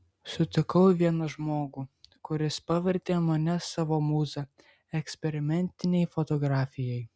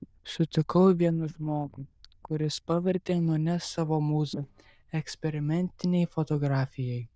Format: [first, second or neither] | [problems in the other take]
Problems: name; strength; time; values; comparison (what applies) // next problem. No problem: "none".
first | noise reduction (neural diffusion model UNIVERSE++)